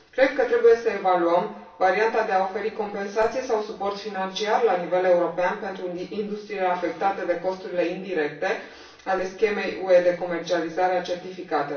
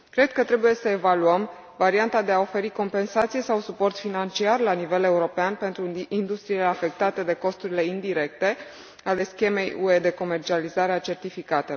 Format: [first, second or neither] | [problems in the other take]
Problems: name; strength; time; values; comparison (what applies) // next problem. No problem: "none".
second | room echo; dies away in 0.3 s